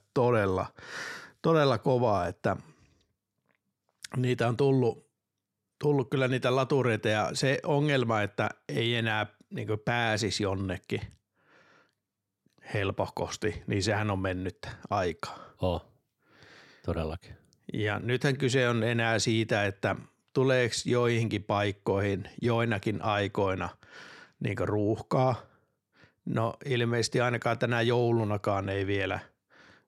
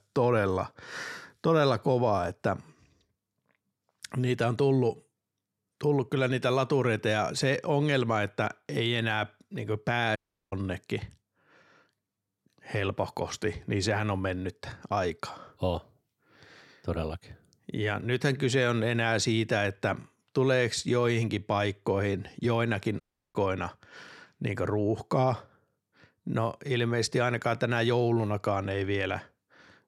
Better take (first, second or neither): first